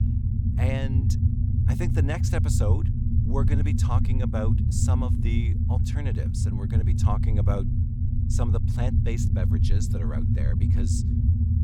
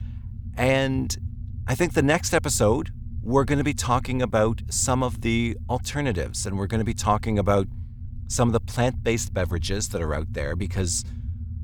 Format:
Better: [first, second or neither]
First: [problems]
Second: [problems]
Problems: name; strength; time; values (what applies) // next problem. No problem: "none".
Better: second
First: low rumble; loud; throughout; 1 dB below the speech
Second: low rumble; faint; throughout; 25 dB below the speech